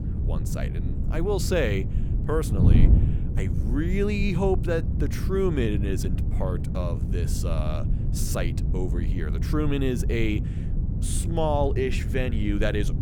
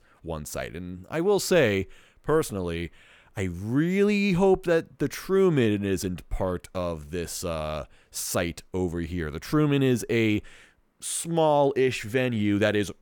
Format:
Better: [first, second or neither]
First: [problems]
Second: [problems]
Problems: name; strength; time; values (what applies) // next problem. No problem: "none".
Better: second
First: wind noise on the microphone; heavy; 9 dB below the speech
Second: none